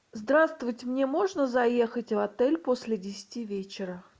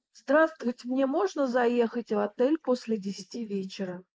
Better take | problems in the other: first | noise reduction (neural mask model Resemble Enhance denoiser)

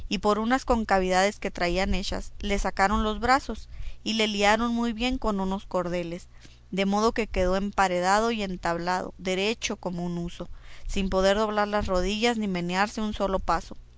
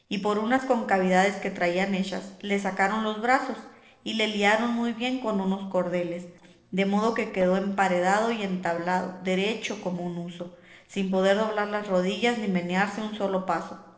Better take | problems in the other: first | noise reduction (neural separator model SepFormer DNS4)

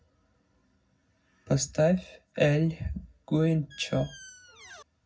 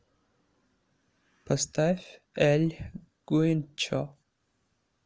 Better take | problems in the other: second | background sound (Squeak); 19 dB below the speech // room echo; dies away in 0.4 s

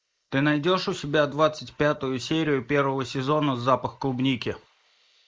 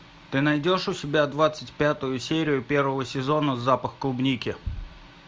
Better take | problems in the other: second | noise reduction (neural mask model Resemble Enhance denoiser)

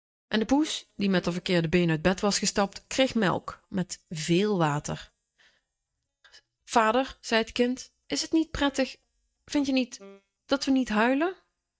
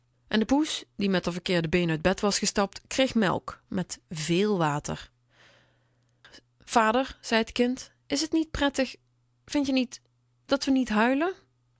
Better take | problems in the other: second | noise reduction (neural mask model DeepFilterNet 3)

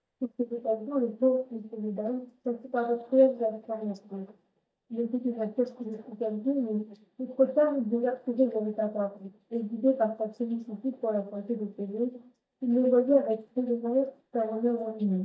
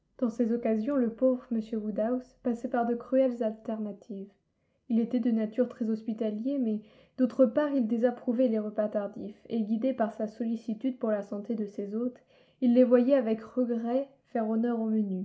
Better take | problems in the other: second | noise reduction (neural mask model DeepFilterNet 3)

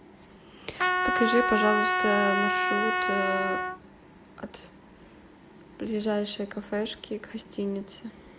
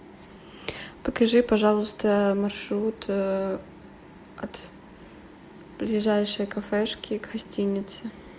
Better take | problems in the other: second | background sound (Trumpet); 5 dB above the speech

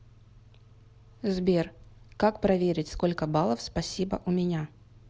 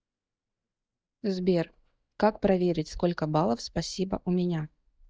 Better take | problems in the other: first | noise reduction (neural mask model DeepFilterNet 3)

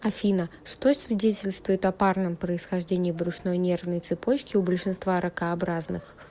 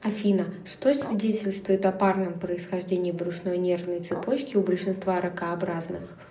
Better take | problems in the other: first | background sound (Chink, clink); 19 dB below the speech // room echo; dies away in 0.5 s

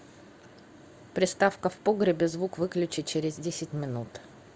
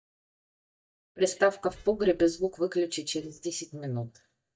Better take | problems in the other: first | noise reduction (neural mask model DeepFilterNet 3)

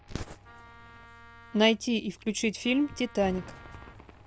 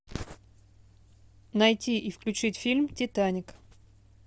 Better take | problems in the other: second | background sound (Cheering / Fireworks + Wind instrument, woodwind instrument); 19 dB below the speech

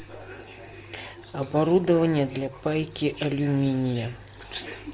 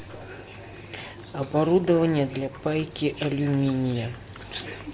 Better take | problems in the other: first | background sound (Livestock, farm animals, working animals); 20 dB below the speech

